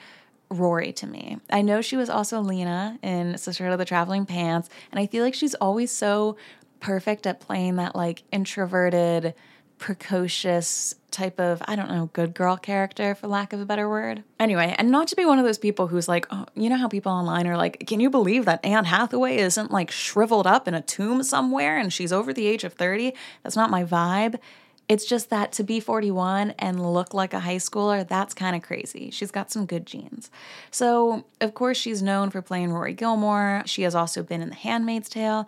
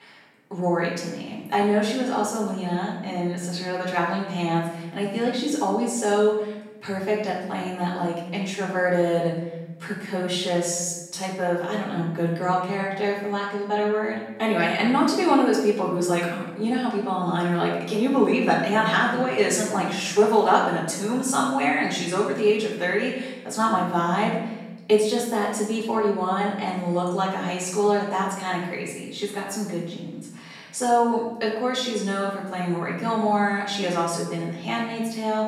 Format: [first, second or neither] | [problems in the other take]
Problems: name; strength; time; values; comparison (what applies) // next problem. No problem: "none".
first | off-mic speech; far // room echo; noticeable; dies away in 0.9 s